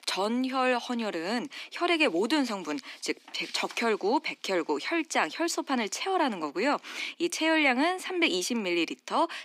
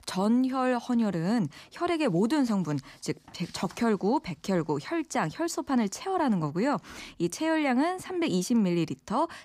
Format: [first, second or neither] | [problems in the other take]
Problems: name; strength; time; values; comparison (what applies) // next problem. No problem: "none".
second | thin; somewhat; fading below 250 Hz